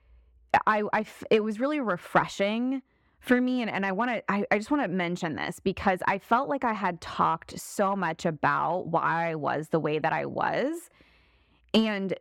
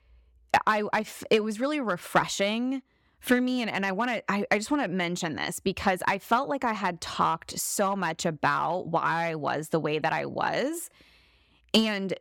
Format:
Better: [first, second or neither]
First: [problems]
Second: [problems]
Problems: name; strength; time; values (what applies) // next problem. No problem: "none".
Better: second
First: muffled; slightly; fading above 3 kHz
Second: none